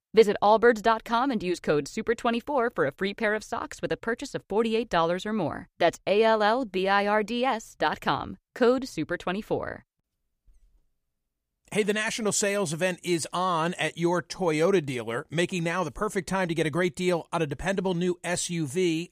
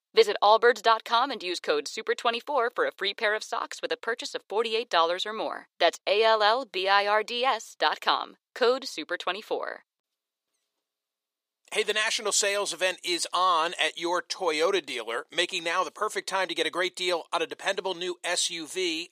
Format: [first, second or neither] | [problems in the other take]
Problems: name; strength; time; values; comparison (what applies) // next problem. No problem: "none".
first | thin; very; fading below 400 Hz